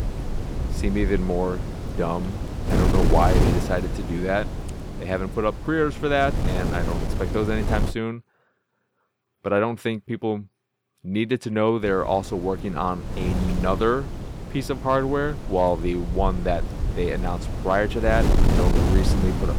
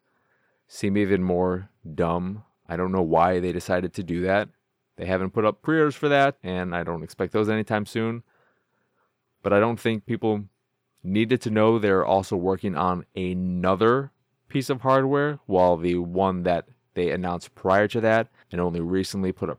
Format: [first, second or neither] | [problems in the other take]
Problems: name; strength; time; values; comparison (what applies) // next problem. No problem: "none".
second | wind noise on the microphone; heavy; until 8 s and from 12 s on; 8 dB below the speech